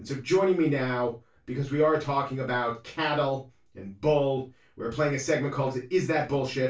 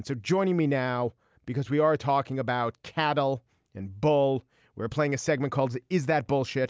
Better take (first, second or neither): second